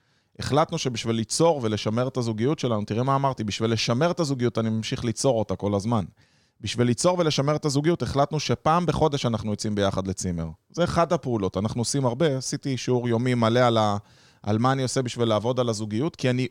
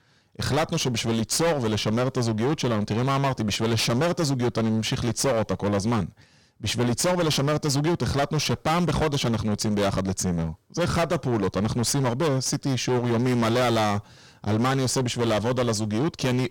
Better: first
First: none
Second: distortion; heavy; 25% of the sound clipped

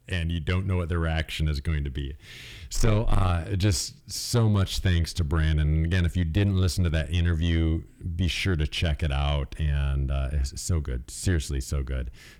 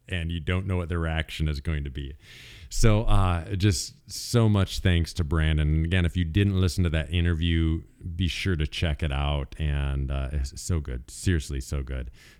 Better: second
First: distortion; slight; 10 dB below the speech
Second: none

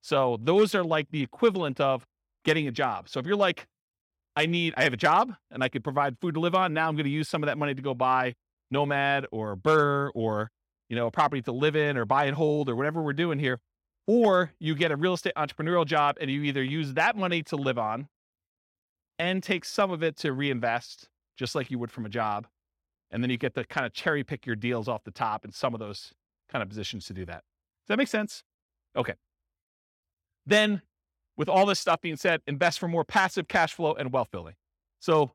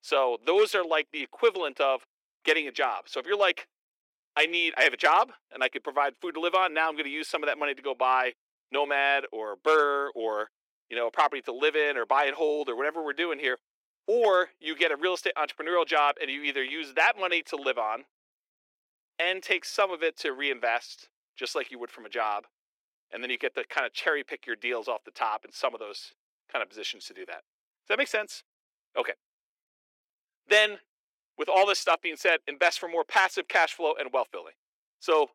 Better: first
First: none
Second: thin; very; fading below 350 Hz

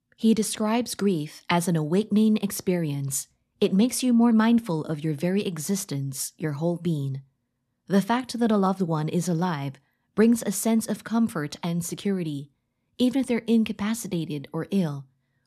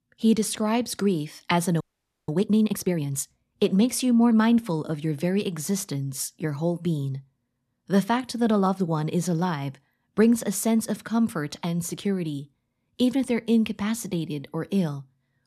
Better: first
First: none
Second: audio freezing; at 2 s

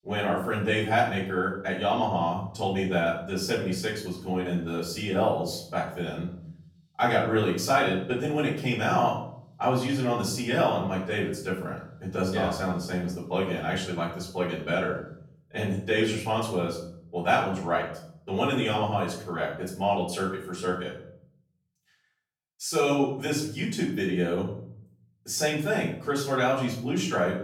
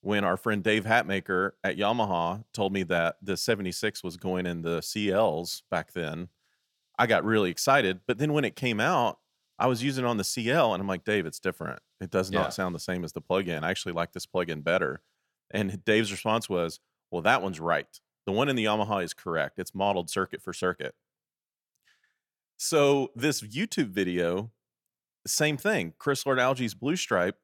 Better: second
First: off-mic speech; far // room echo; noticeable; dies away in 0.6 s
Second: none

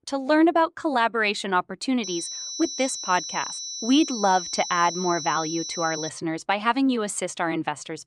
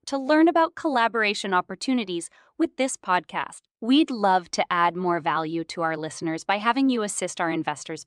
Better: second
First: high-pitched whine; loud; from 2 to 6 s; 6 kHz, 7 dB below the speech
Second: none

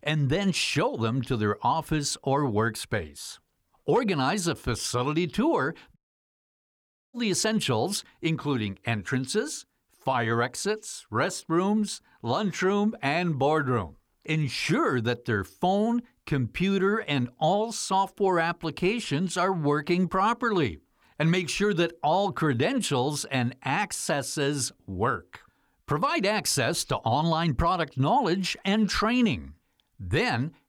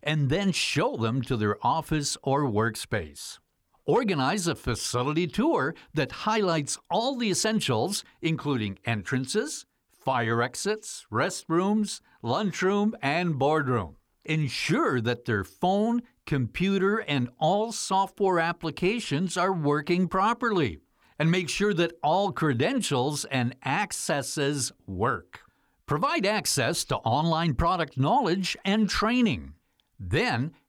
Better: second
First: audio cutting out; at 6 s for 1 s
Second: none

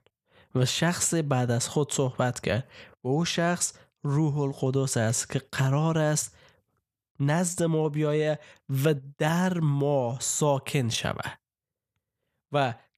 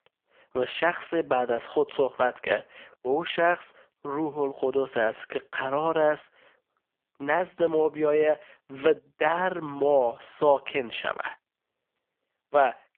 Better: first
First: none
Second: phone-call audio; poor line

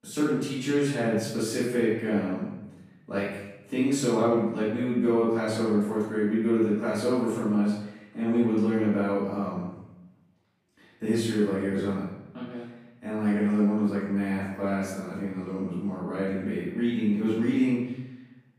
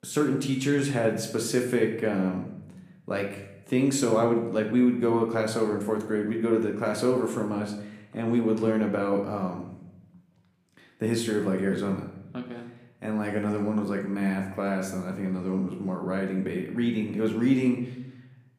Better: second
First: room echo; strong; dies away in 0.8 s // off-mic speech; far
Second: room echo; slight; dies away in 0.8 s

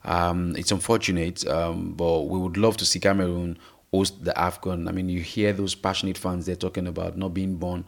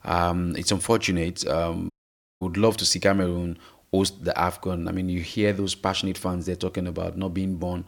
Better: first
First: none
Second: audio cutting out; at 2 s for 0.5 s

